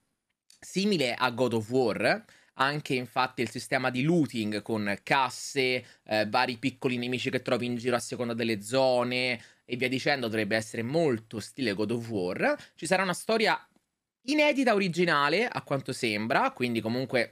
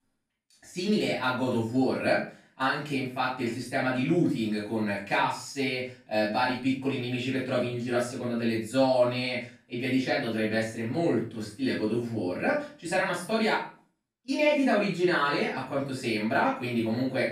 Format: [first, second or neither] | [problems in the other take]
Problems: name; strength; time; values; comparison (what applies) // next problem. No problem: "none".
first | off-mic speech; far // room echo; noticeable; dies away in 0.4 s